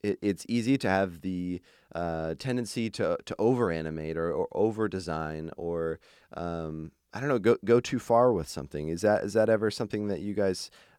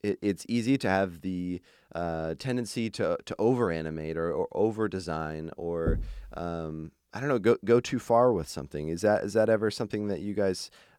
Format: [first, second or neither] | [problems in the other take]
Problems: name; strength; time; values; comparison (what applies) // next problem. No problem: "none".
first | door banging; noticeable; at 6 s; peak 3 dB below the speech